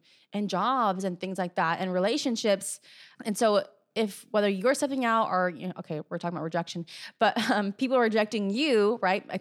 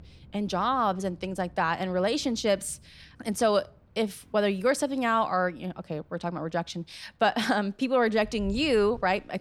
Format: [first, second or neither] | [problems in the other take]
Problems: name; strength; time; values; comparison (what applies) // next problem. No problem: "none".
first | rain or running water; faint; throughout; 25 dB below the speech